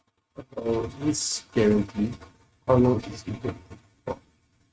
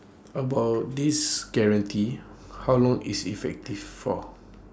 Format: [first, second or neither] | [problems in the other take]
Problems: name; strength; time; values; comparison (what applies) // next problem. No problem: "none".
second | noise reduction (neural mask model RNNoise)